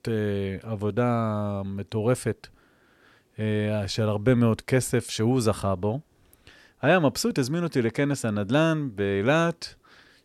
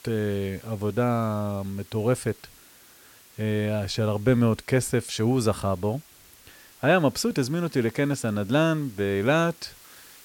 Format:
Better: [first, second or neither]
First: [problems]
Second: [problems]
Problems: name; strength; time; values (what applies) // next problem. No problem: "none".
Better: first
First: none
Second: hiss; faint; throughout; 25 dB below the speech